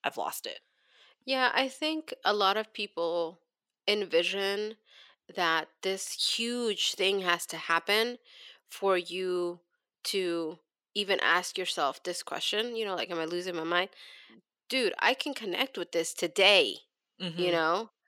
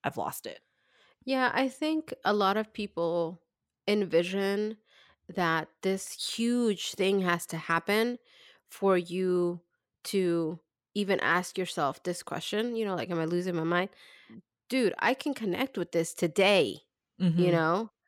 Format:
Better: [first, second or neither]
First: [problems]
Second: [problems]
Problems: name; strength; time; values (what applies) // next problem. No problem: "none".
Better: second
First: thin; somewhat; fading below 350 Hz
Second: none